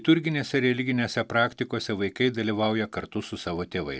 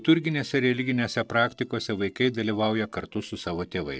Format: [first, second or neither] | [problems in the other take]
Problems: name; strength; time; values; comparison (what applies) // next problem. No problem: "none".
first | noise reduction (neural separator model SepFormer DNS4)